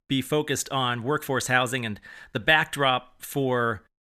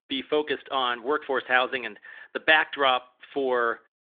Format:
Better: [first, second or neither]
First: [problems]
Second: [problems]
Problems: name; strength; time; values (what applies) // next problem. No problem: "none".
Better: first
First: none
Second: phone-call audio; nothing above 3.5 kHz